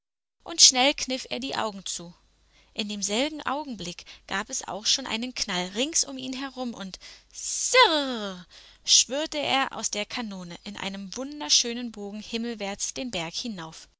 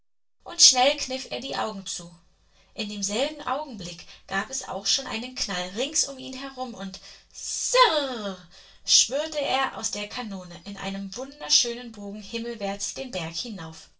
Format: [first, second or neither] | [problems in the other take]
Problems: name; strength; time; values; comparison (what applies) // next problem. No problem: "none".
first | room echo; dies away in 0.2 s